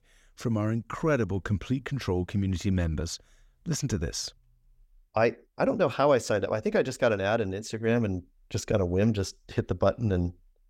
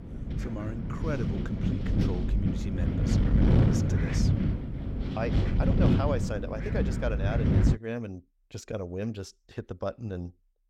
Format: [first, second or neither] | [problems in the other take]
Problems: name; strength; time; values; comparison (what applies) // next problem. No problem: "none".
first | wind noise on the microphone; heavy; until 7.5 s; 1 dB above the speech